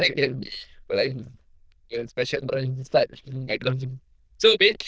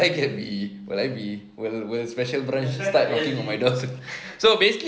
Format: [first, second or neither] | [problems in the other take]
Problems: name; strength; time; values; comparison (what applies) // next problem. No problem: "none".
second | noise reduction (neural diffusion model UNIVERSE++)